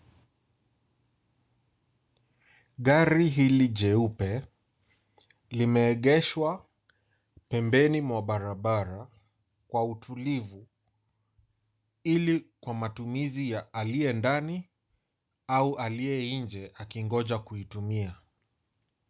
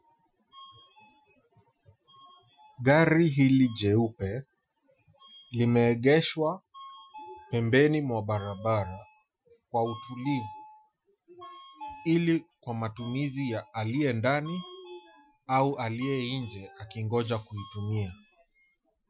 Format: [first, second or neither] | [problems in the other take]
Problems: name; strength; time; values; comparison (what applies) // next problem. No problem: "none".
first | noise reduction (classical method Wiener filter)